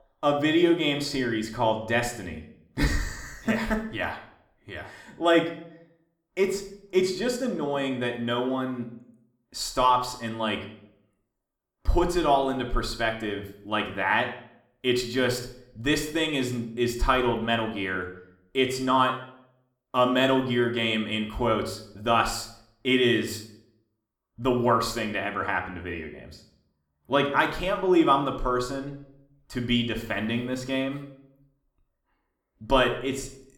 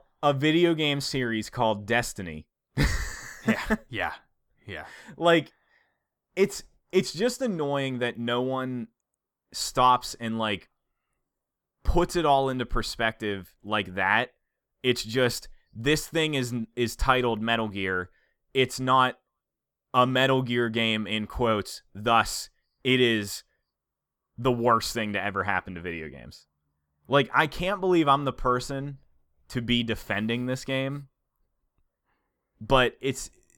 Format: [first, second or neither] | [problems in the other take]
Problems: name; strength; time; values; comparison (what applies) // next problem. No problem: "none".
second | room echo; slight; dies away in 0.5 s